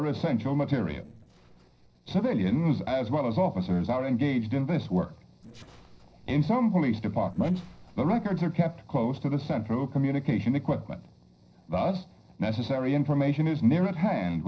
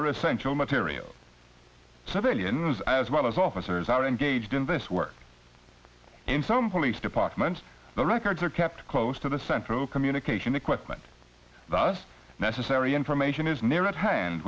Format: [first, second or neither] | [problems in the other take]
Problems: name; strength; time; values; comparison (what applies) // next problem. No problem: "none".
second | noise reduction (neural separator model SepFormer DNS4)